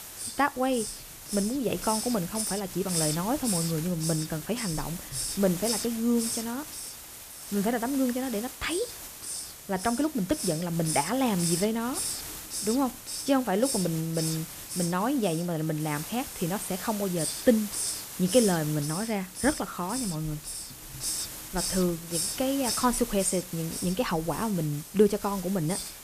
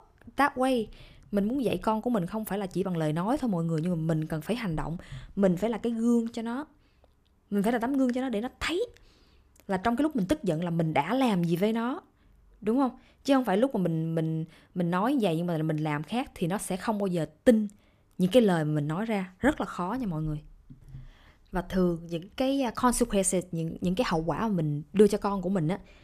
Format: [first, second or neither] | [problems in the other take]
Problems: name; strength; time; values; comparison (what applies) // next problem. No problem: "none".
second | hiss; loud; throughout; 5 dB below the speech